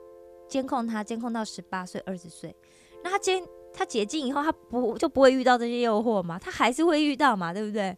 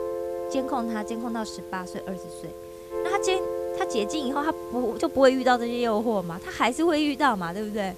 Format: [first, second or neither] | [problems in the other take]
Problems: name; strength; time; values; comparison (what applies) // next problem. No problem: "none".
first | background music; loud; throughout; 8 dB below the speech; faint in the first